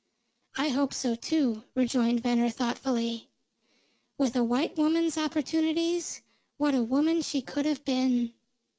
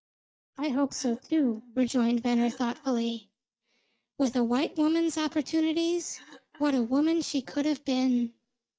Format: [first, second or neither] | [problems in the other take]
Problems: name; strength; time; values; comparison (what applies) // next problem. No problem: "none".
first | noise reduction (neural mask model DeepFilterNet 3)